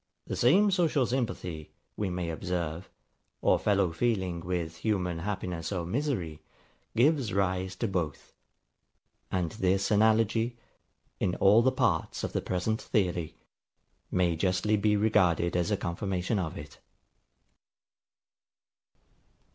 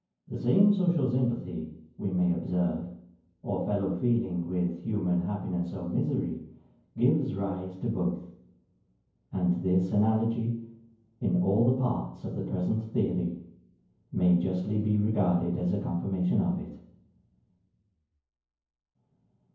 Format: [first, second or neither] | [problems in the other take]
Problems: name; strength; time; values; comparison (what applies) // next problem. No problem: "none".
first | room echo; dies away in 0.9 s